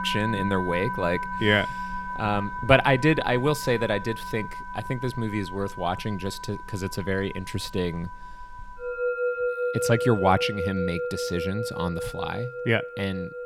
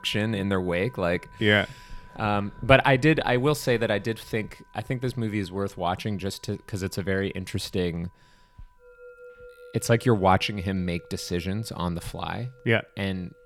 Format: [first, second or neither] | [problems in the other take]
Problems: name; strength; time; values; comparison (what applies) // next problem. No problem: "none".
second | background music; loud; throughout; 6 dB below the speech; faint in the second